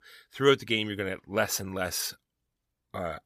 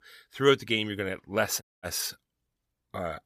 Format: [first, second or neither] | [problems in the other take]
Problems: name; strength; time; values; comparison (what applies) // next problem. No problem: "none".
first | audio cutting out; at 1.5 s